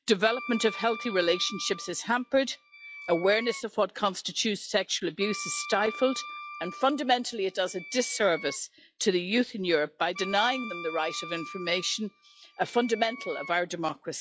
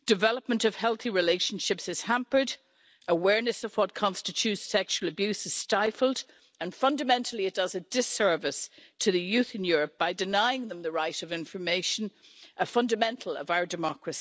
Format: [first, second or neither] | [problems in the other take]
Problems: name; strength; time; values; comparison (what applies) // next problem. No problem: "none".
second | noise reduction (classical method log-MMSE)